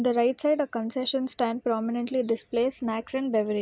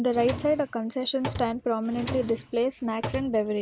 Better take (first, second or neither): first